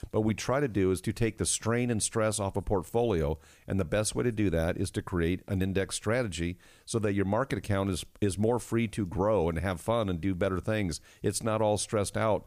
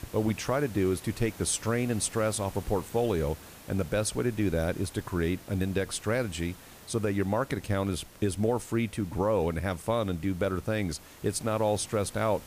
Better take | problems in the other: first | hiss; noticeable; throughout; 20 dB below the speech

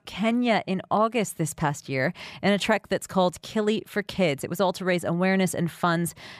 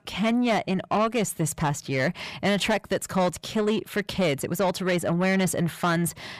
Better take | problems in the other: first | distortion; slight; 10 dB below the speech

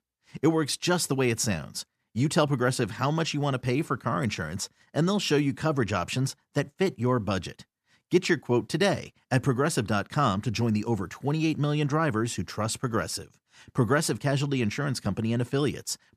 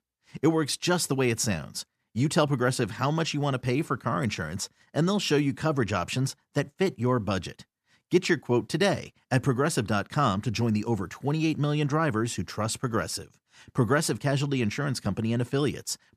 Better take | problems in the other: neither | none

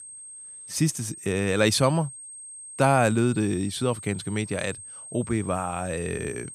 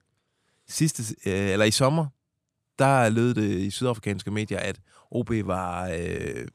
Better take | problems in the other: second | high-pitched whine; noticeable; throughout; 8.5 kHz, 15 dB below the speech

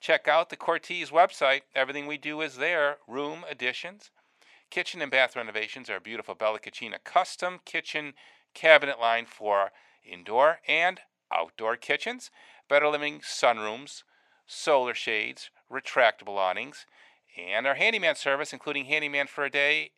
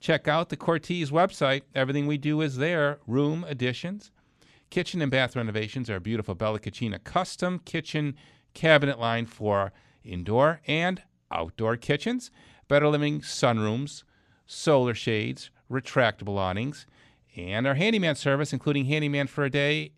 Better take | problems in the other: second | thin; very; fading below 500 Hz

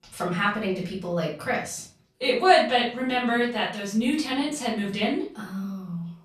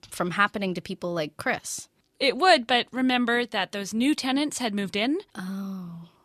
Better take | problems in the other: second | off-mic speech; far // room echo; slight; dies away in 0.4 s

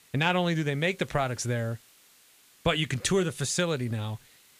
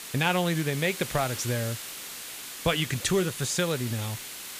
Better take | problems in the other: first | hiss; loud; throughout; 8 dB below the speech; faint in the first

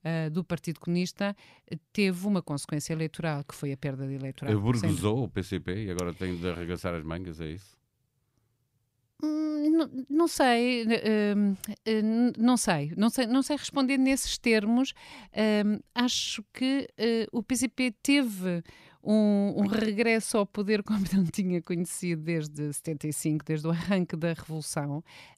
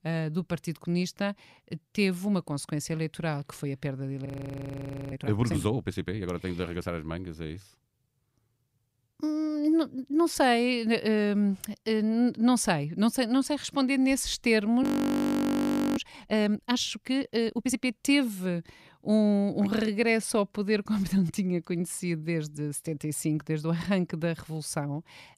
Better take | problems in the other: first | audio freezing; at 4.5 s for 1 s and at 15 s for 1 s

